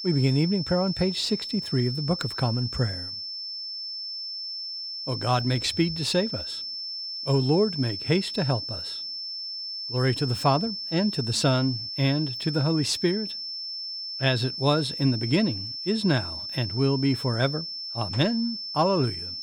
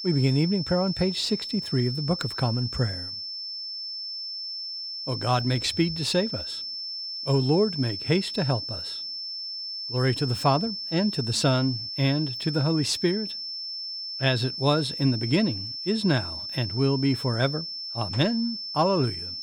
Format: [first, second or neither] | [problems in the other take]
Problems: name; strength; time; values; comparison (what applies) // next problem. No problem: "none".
neither | high-pitched whine; loud; throughout; 5.5 kHz, 6 dB below the speech; the same in both